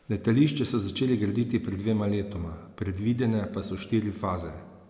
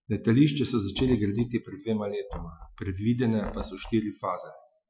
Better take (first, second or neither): first